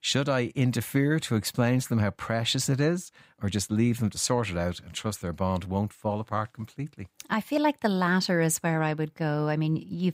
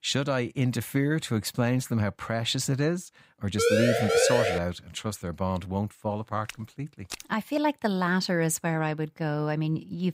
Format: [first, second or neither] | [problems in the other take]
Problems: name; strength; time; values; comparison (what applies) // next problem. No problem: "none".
first | siren; loud; from 3.5 to 4.5 s; peak 5 dB above the speech // footsteps; faint; at 6.5 s; peak 10 dB below the speech